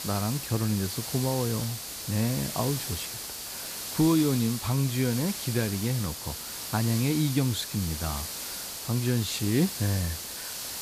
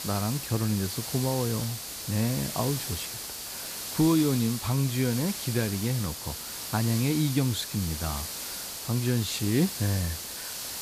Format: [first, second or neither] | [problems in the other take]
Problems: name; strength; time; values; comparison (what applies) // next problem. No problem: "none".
neither | hiss; loud; throughout; 5 dB below the speech; the same in both